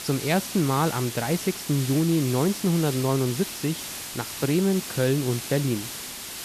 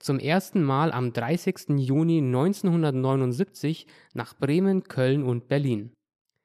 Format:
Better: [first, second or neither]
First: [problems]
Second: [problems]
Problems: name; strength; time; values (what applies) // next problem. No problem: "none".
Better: second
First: hiss; loud; throughout; 8 dB below the speech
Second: none